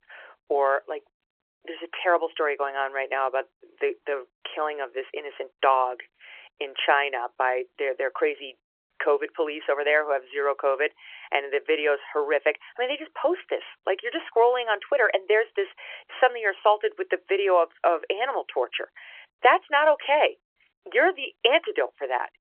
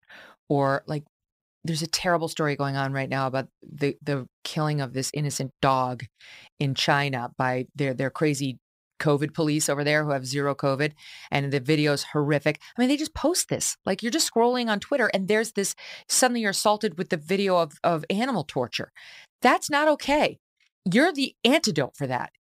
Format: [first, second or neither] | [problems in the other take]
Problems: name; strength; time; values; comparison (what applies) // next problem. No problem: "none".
second | phone-call audio; nothing above 3 kHz